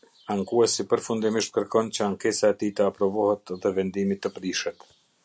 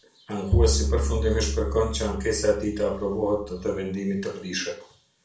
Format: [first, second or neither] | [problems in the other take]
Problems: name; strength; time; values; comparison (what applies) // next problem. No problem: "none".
first | background sound (Bowed string instrument); as loud as the speech // room echo; dies away in 0.3 s